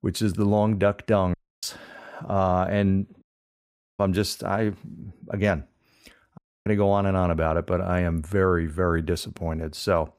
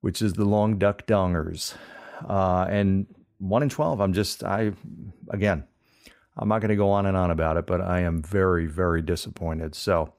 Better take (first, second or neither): second